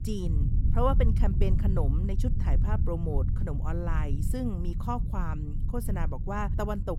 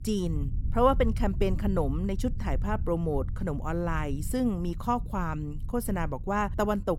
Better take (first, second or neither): second